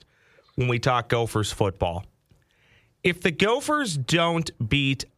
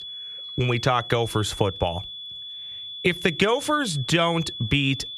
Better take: first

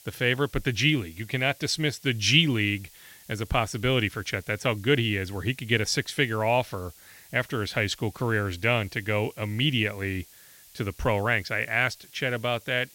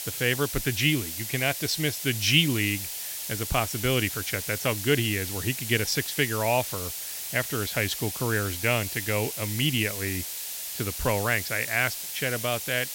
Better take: first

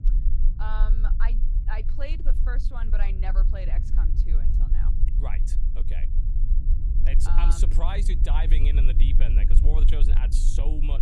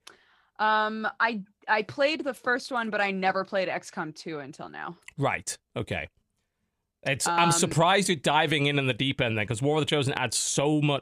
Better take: second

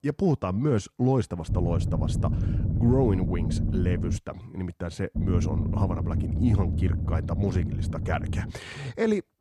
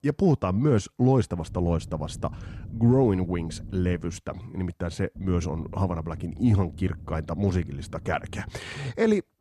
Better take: second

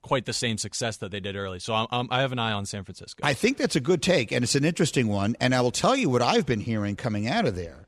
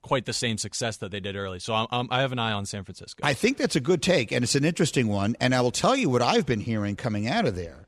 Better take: neither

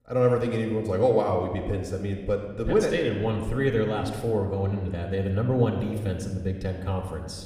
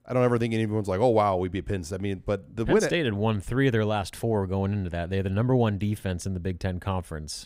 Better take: second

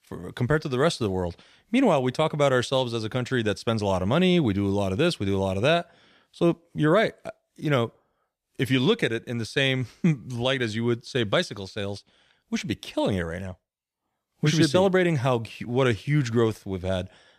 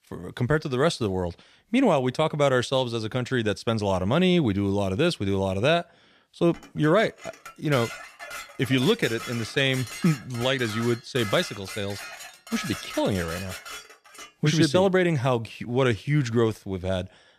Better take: first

